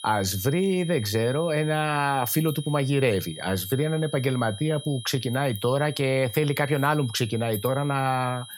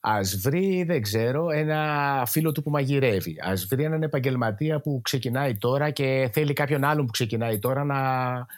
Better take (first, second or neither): second